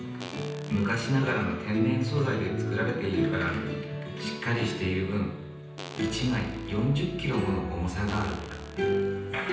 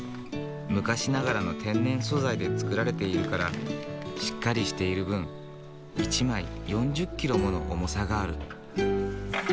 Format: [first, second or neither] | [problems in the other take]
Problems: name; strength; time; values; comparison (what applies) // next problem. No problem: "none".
second | background sound (Fart); 17 dB below the speech // room echo; dies away in 0.9 s